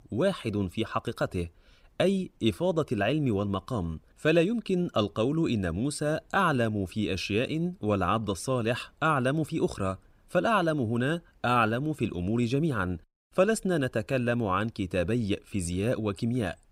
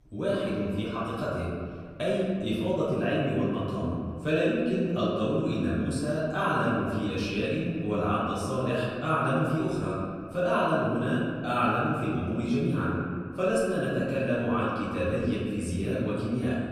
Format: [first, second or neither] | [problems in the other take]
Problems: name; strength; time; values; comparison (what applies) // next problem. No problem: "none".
first | off-mic speech; far // room echo; strong; dies away in 1.9 s